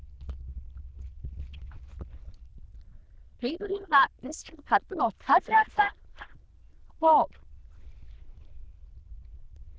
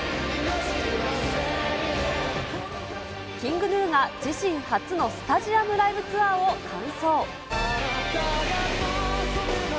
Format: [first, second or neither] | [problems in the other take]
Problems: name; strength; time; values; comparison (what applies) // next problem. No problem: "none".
second | noise reduction (neural diffusion model UNIVERSE++)